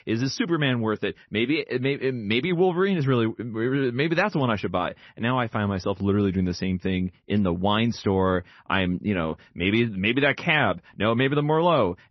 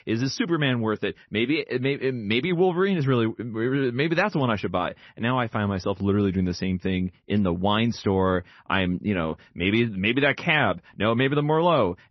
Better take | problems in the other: neither | garbled, watery; slightly; nothing above 6 kHz; the same in both

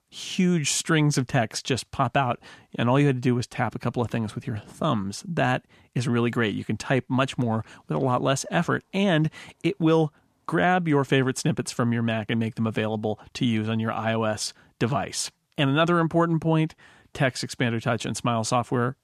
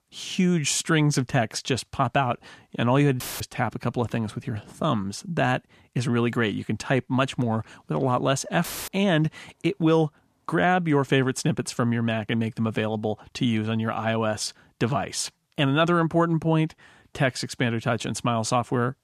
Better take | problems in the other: first | audio cutting out; filled with static; at 3 s and at 8.5 s

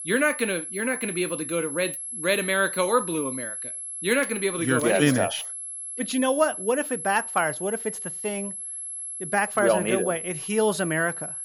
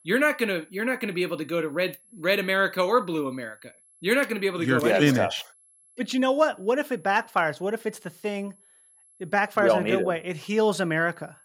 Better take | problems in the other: second | high-pitched whine; loud; throughout; 11 kHz, 6 dB below the speech; faint in the second

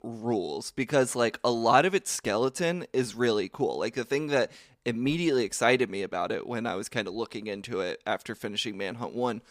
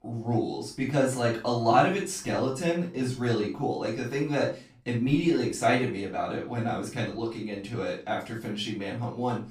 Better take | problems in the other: first | off-mic speech; far // room echo; slight; dies away in 0.3 s

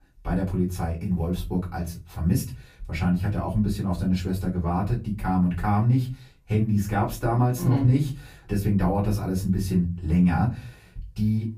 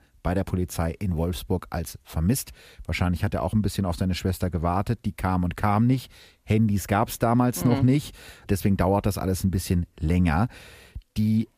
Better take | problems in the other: second | off-mic speech; far // room echo; very slight; dies away in 0.3 s

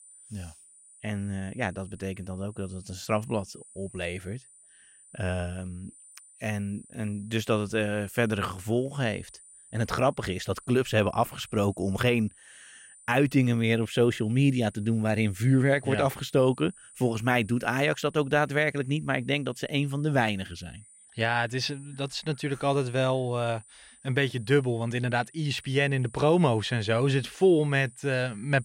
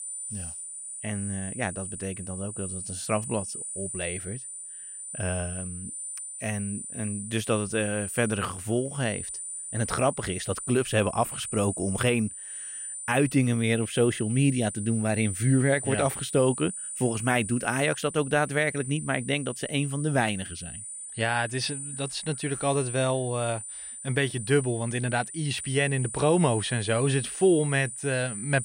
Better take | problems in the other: first | high-pitched whine; loud; throughout; 9 kHz, 7 dB below the speech; faint in the first

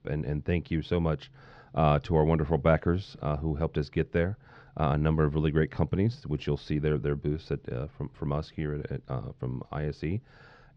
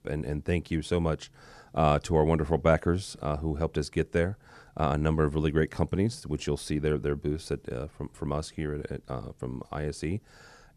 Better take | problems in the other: second | muffled; very slightly; fading above 4 kHz

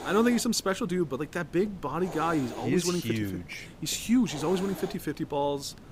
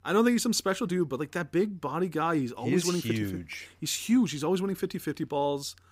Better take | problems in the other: second | hiss; noticeable; throughout; 15 dB below the speech

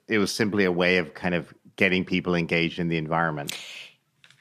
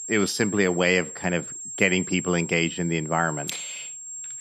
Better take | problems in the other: first | high-pitched whine; loud; throughout; 7.5 kHz, 10 dB below the speech

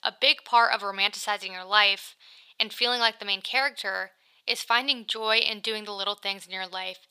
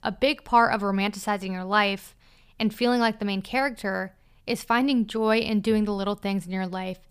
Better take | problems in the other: second | thin; very; fading below 650 Hz

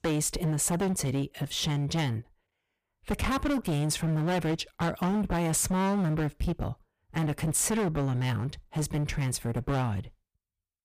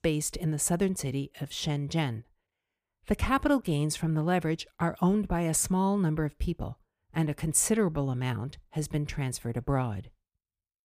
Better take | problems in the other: second | distortion; heavy; 21% of the sound clipped

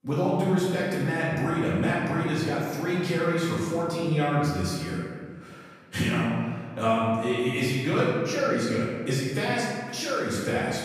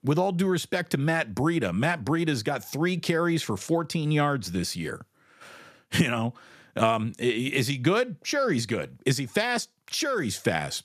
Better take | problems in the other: second | room echo; strong; dies away in 1.6 s // off-mic speech; far

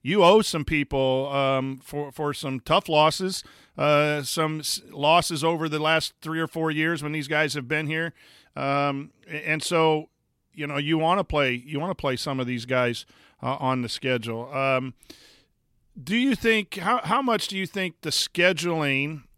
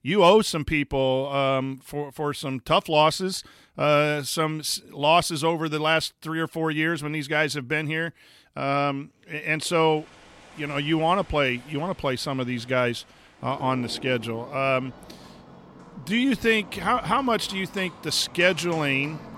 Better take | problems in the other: first | animal sounds; faint; from 10 s on; 20 dB below the speech

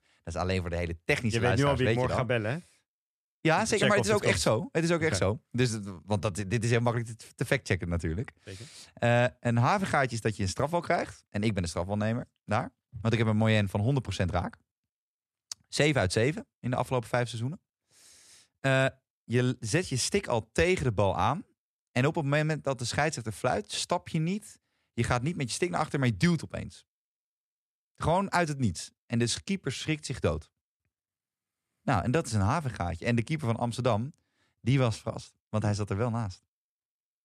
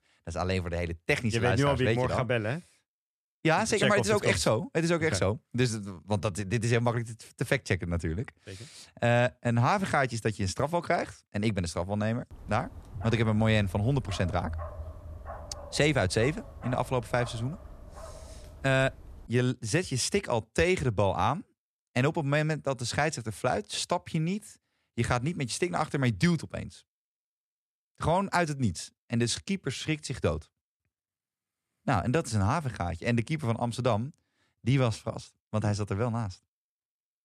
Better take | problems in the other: first | dog barking; noticeable; from 12 to 19 s; peak 10 dB below the speech

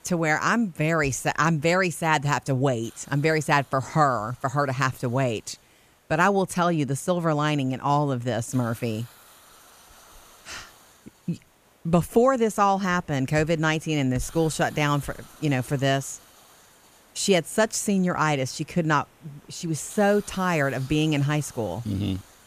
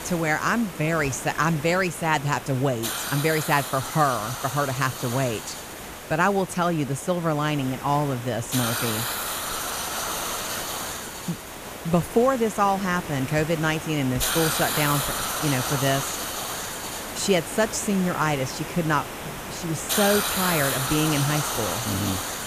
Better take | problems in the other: first | hiss; loud; throughout; 4 dB below the speech; faint in the first

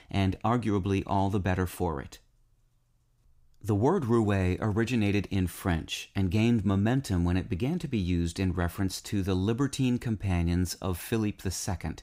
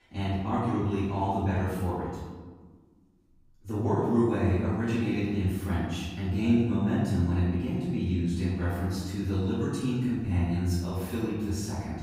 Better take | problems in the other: first | off-mic speech; far // room echo; strong; dies away in 1.3 s

